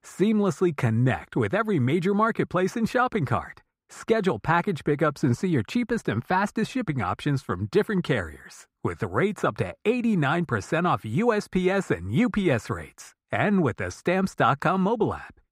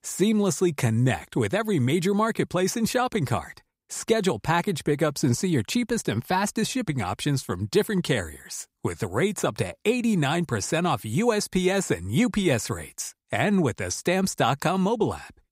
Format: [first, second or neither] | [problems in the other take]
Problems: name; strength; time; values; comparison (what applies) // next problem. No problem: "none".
second | muffled; slightly; fading above 3.5 kHz